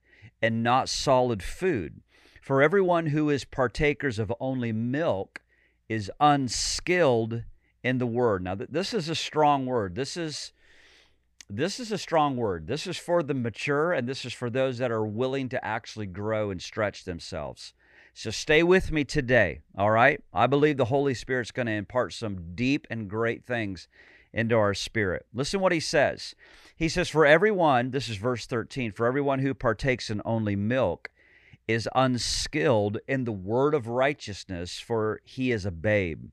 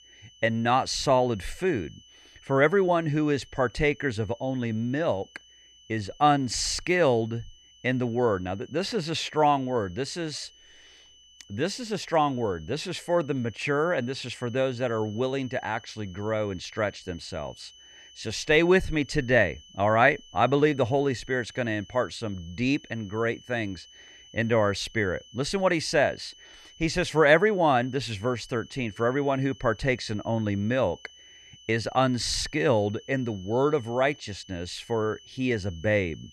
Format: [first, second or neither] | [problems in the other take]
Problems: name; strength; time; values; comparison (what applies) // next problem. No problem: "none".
first | high-pitched whine; faint; throughout; 3 kHz, 25 dB below the speech